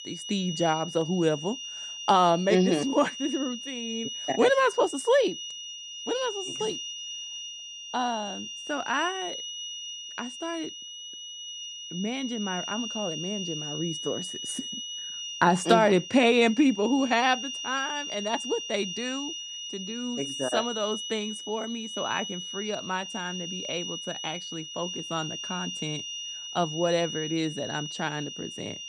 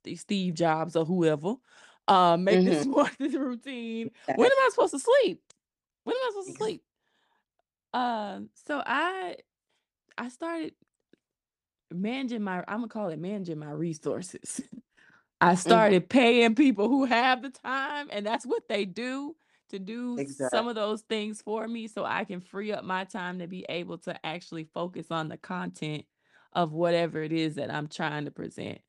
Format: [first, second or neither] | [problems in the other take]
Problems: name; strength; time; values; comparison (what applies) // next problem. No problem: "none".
second | high-pitched whine; loud; throughout; 3 kHz, 7 dB below the speech